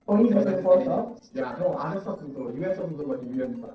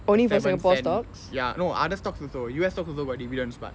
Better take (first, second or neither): second